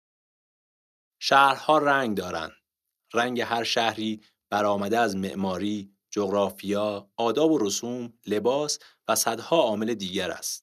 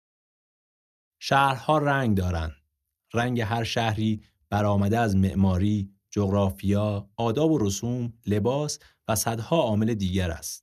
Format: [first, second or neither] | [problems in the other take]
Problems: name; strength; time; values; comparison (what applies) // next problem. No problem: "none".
second | thin; somewhat; fading below 350 Hz